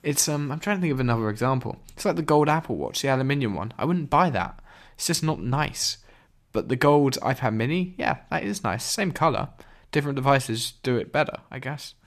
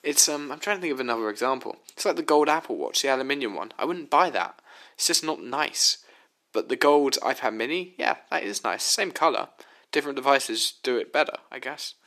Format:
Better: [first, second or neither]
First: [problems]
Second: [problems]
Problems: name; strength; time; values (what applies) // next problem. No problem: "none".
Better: first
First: none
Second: thin; somewhat; fading below 350 Hz